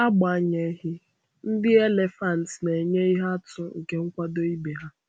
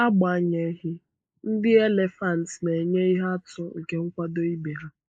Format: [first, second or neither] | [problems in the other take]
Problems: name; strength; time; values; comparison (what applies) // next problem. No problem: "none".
first | noise reduction (neural mask model Resemble Enhance denoiser)